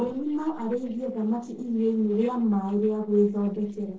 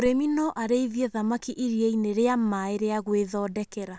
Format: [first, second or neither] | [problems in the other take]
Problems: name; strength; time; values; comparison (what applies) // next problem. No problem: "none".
second | noise reduction (neural separator model SepFormer DNS4)